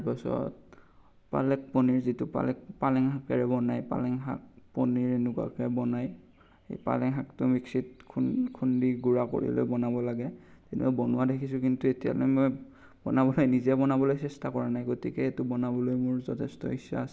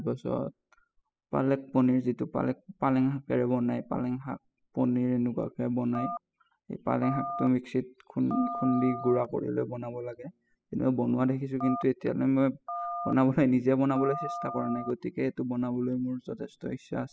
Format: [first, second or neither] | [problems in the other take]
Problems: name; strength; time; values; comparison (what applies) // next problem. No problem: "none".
first | noise reduction (classical method spectral subtraction)